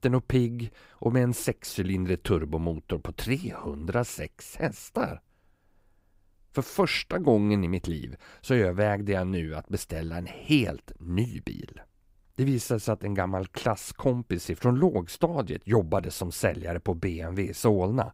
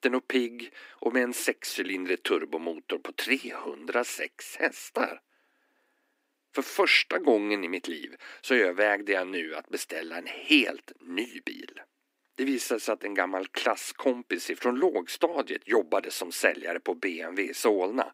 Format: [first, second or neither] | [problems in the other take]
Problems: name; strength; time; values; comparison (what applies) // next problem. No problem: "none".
first | thin; somewhat; fading below 250 Hz